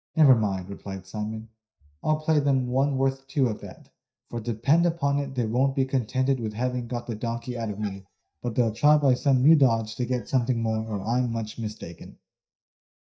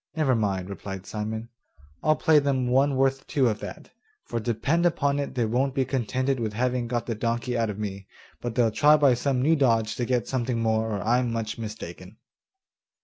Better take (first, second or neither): second